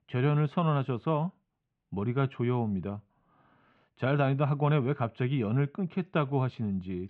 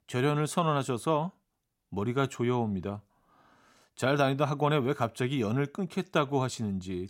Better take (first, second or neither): second